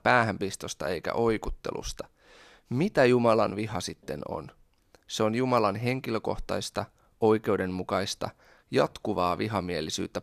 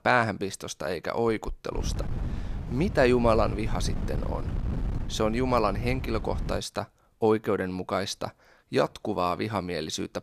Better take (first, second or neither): first